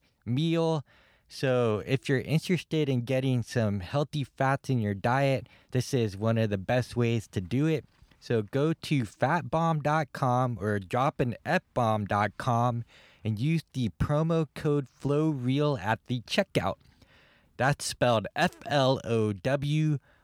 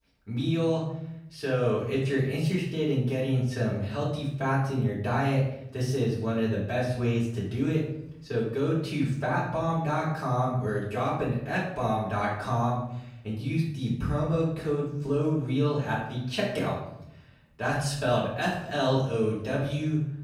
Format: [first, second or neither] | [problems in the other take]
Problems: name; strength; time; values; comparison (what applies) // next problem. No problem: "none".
first | off-mic speech; far // room echo; noticeable; dies away in 0.7 s